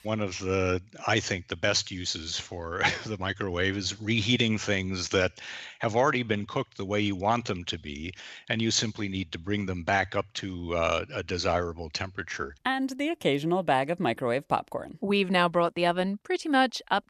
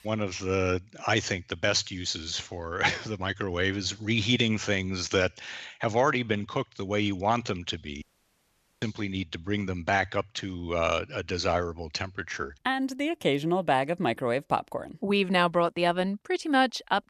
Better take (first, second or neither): first